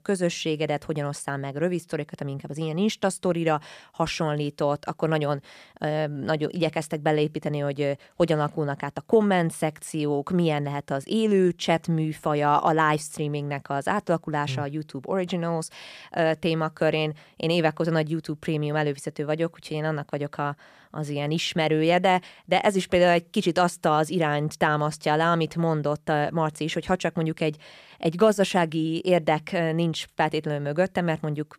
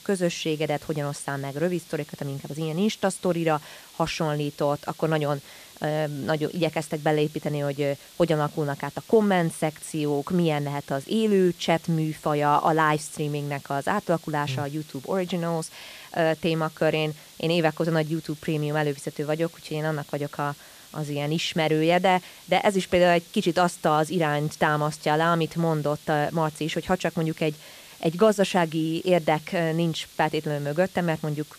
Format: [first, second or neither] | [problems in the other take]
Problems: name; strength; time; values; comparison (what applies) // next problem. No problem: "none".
first | hiss; faint; throughout; 20 dB below the speech